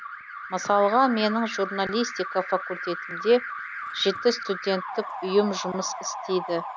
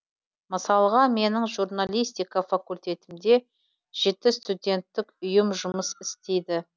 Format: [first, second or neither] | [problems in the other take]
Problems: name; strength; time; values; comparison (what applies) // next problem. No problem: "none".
second | background sound (Alarm); 9 dB below the speech